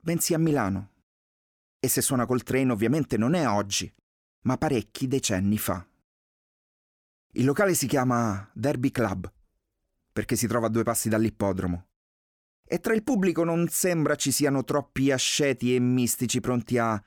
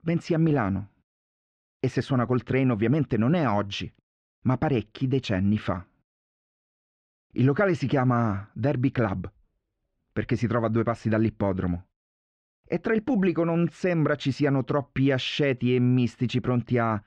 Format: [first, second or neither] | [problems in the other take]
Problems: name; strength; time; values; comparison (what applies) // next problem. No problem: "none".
first | muffled; very; fading above 3.5 kHz